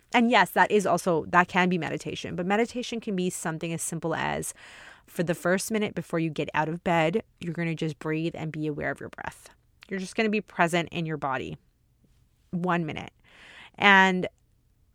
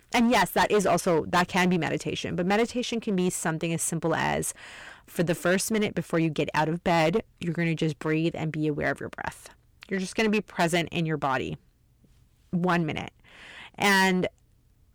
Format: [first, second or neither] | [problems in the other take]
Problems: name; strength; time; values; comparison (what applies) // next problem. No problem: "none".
first | distortion; heavy; 6% of the sound clipped